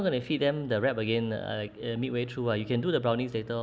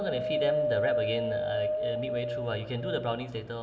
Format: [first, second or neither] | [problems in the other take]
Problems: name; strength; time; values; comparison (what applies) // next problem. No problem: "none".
first | background sound (Wind); 3 dB above the speech // room echo; dies away in 1.9 s